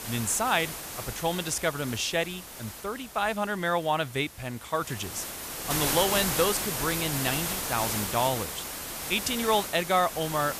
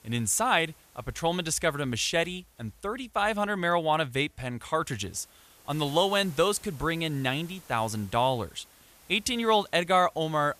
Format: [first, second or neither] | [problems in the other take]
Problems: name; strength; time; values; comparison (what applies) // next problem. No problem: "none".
second | hiss; loud; throughout; 3 dB below the speech; faint in the second